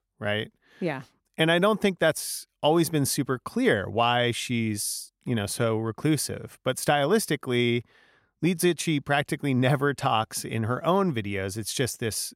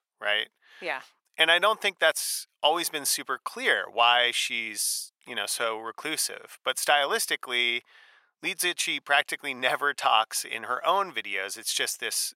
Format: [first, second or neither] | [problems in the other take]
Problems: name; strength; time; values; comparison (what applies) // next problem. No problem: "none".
first | thin; very; fading below 850 Hz